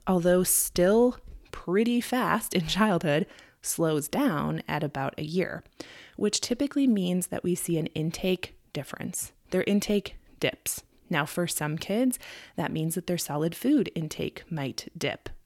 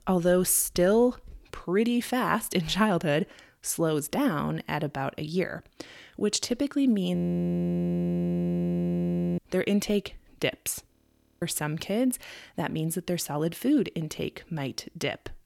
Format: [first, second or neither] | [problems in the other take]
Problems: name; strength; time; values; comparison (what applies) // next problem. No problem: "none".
first | audio freezing; at 7 s for 2 s and at 11 s